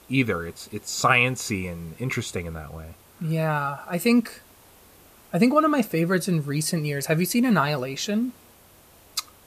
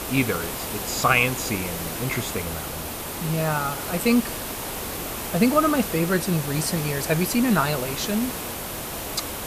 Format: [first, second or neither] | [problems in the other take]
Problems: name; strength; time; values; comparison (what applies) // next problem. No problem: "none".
first | hiss; loud; throughout; 5 dB below the speech; faint in the first